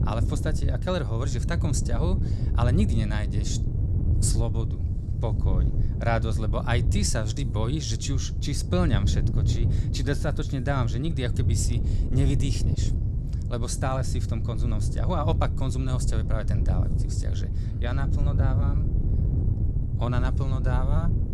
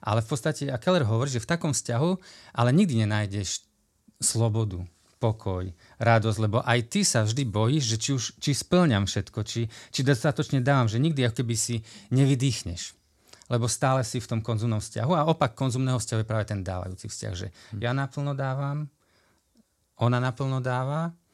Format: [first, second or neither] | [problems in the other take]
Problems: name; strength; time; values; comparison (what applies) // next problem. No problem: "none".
second | wind noise on the microphone; heavy; 7 dB below the speech